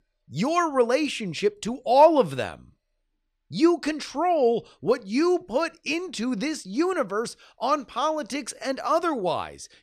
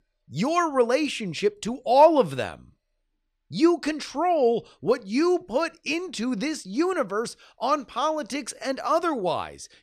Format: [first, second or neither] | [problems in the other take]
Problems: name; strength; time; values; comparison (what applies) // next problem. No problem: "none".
neither | none